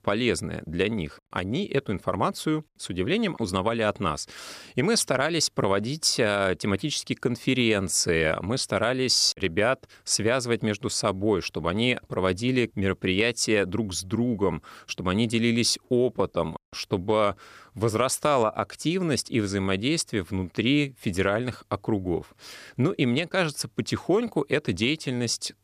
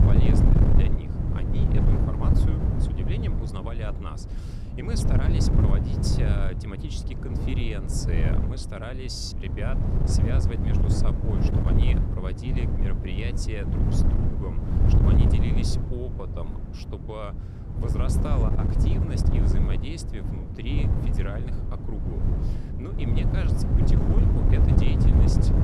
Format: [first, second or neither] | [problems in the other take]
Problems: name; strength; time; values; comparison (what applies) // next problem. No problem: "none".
first | wind noise on the microphone; heavy; 3 dB above the speech